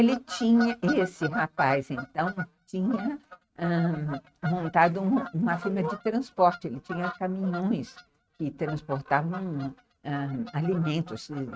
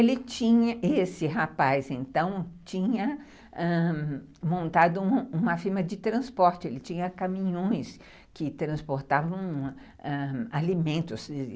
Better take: second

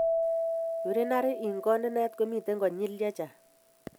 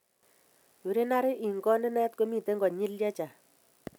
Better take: second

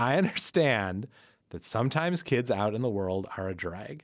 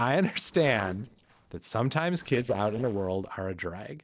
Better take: first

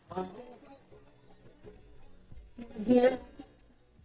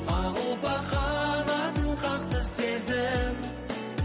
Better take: second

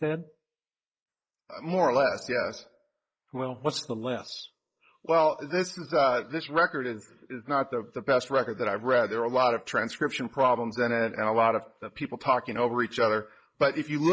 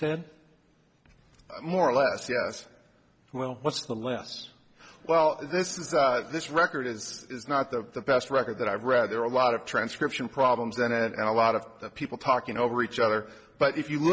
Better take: second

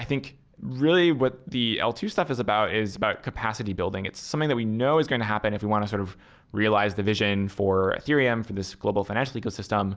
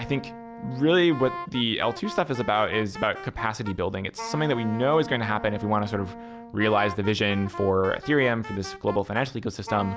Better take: first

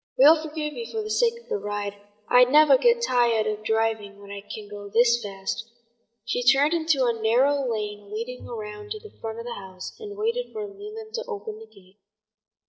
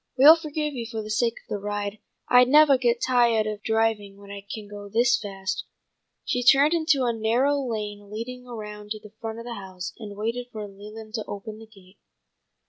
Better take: second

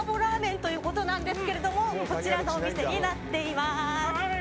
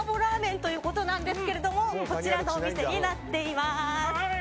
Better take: second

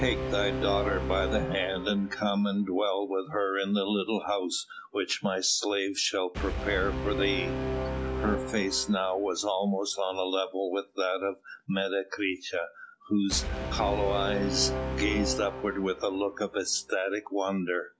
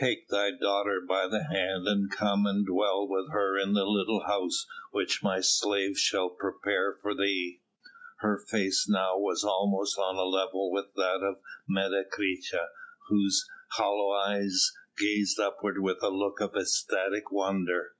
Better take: second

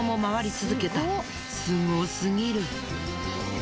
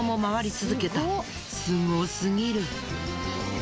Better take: second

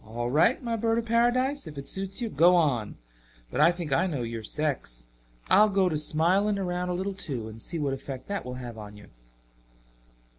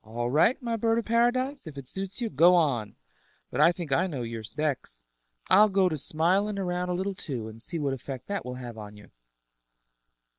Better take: first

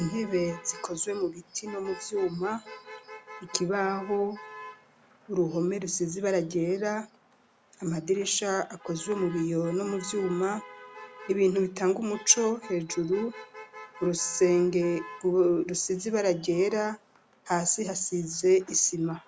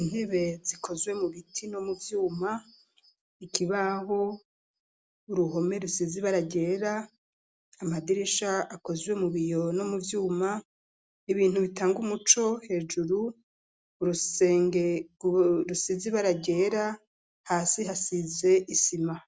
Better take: second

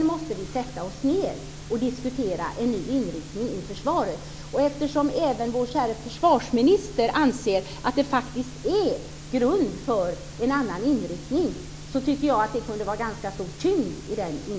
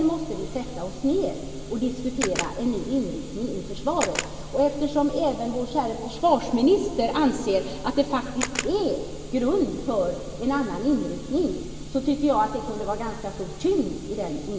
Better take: first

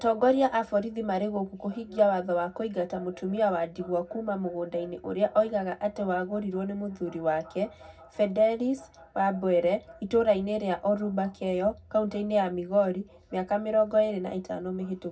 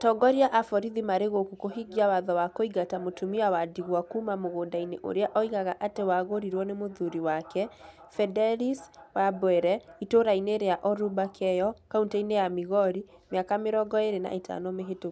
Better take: second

